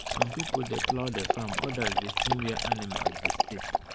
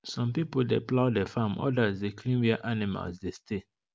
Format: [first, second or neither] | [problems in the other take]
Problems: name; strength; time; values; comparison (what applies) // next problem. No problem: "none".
second | background sound (Dog); 5 dB above the speech